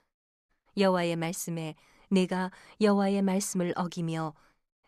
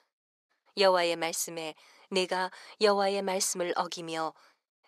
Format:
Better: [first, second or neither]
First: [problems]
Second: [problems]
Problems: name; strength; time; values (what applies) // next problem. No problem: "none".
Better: first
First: none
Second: thin; very; fading below 500 Hz